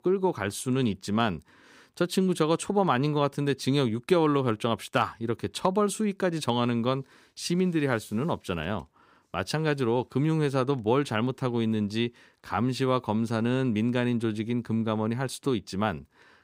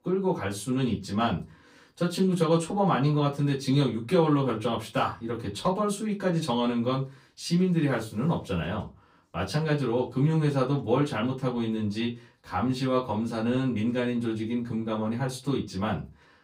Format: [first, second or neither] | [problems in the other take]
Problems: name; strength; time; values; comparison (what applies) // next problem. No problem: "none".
first | off-mic speech; far // room echo; very slight; dies away in 0.2 s